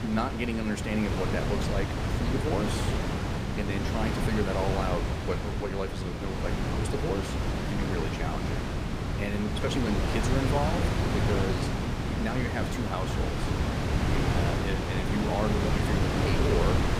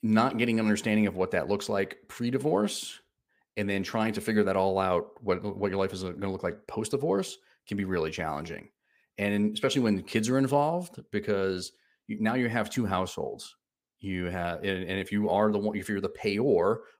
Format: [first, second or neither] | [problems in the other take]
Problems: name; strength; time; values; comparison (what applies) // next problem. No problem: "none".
second | wind noise on the microphone; heavy; 1 dB above the speech